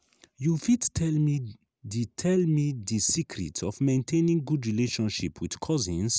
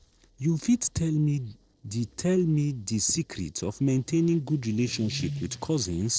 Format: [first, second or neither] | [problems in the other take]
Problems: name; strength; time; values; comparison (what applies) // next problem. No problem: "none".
first | noise reduction (neural separator model SepFormer DNS4)